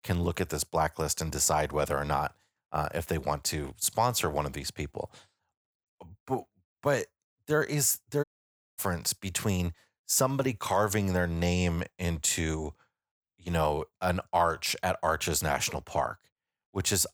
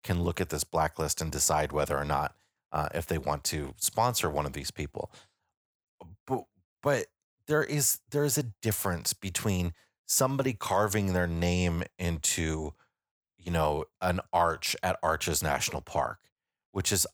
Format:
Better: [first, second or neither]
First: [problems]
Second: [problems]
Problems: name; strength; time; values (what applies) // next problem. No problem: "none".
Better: second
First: audio cutting out; at 8 s for 0.5 s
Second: none